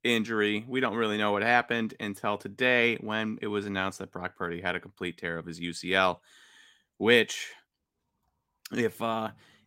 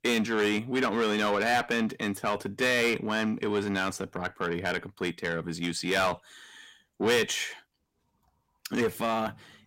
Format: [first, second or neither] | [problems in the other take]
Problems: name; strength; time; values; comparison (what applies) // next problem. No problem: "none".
first | distortion; heavy; 6 dB below the speech